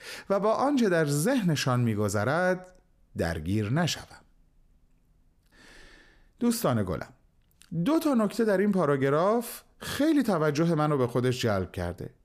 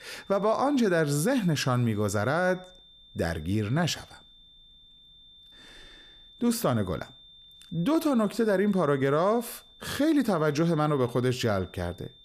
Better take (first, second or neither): first